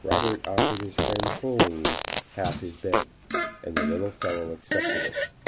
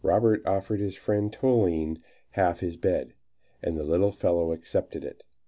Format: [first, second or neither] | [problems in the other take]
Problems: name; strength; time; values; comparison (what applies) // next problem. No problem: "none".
second | background sound (Fart); 3 dB above the speech